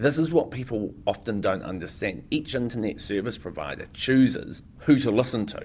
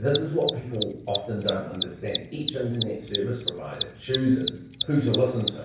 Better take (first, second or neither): first